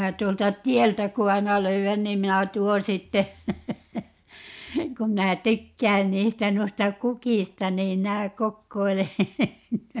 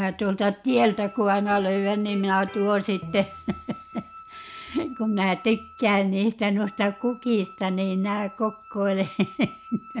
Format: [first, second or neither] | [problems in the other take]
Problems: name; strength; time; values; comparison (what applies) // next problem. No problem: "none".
first | background sound (Electric guitar + Wind instrument, woodwind instrument); 19 dB below the speech